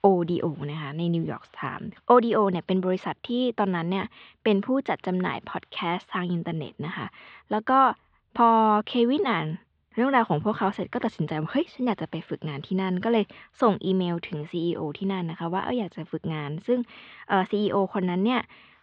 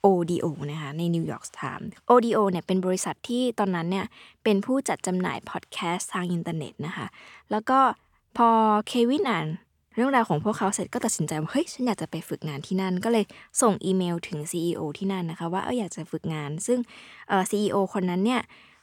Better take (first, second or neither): second